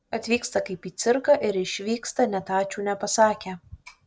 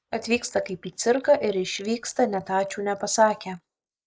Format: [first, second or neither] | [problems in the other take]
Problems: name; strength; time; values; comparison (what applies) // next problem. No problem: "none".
first | noise reduction (neural mask model Resemble Enhance denoiser)